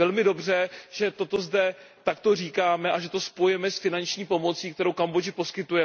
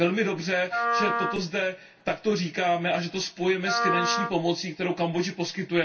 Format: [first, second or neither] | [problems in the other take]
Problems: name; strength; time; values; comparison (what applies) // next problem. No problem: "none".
first | background sound (Wind instrument, woodwind instrument); 3 dB below the speech // room echo; dies away in 0.2 s